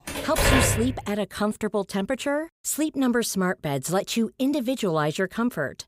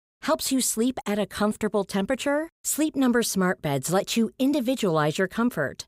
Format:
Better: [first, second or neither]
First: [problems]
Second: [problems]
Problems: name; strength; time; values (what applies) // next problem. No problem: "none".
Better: second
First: door banging; loud; at the start; peak 5 dB above the speech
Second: none